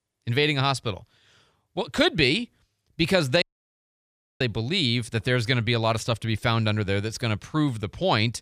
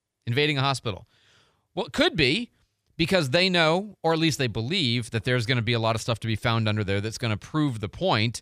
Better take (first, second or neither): second